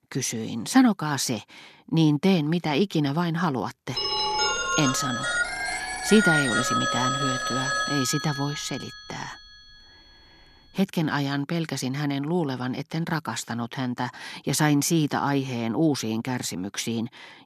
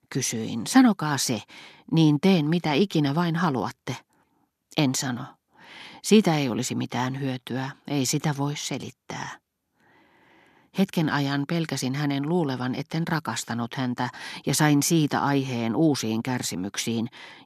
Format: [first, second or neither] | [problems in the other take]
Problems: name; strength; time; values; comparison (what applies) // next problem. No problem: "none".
second | phone ringing; loud; from 4 to 8.5 s; peak 4 dB above the speech